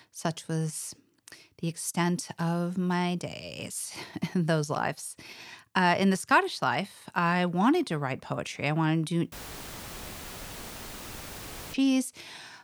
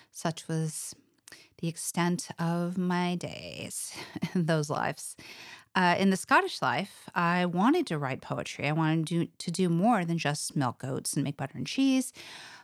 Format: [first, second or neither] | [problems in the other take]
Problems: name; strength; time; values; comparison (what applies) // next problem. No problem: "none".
second | audio cutting out; filled with static; at 9.5 s for 2.5 s